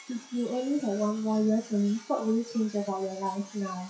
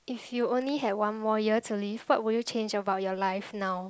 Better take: second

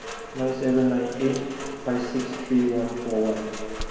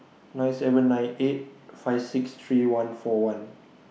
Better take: second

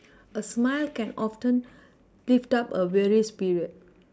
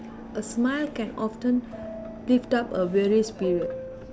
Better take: first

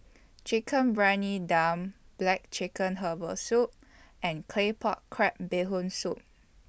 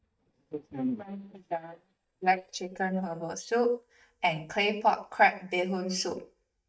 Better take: first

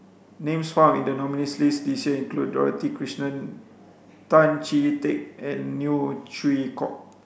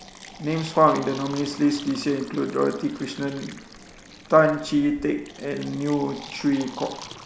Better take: first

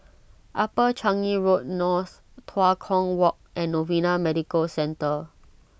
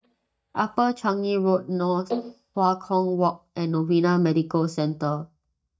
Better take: first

